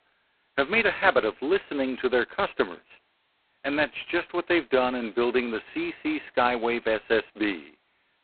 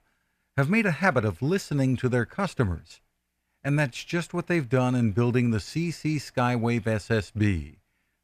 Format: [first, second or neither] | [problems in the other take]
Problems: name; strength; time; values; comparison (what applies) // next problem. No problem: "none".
second | phone-call audio; poor line; nothing above 4 kHz